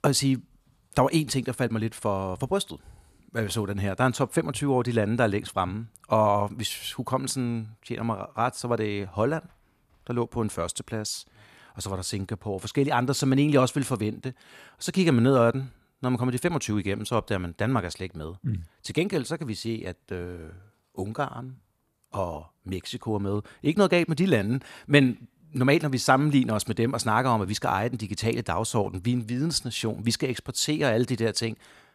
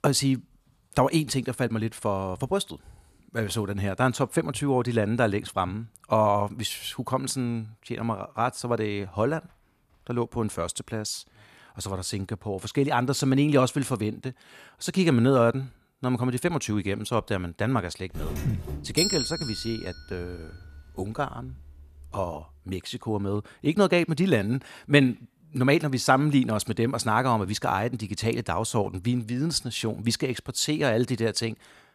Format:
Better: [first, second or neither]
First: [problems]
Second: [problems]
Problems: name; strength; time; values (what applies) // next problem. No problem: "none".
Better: first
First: none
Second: doorbell; loud; from 18 to 22 s; peak 2 dB above the speech